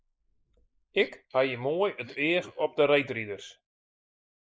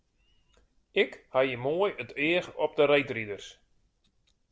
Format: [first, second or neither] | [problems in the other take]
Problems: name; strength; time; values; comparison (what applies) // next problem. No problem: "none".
second | noise reduction (neural mask model Resemble Enhance denoiser)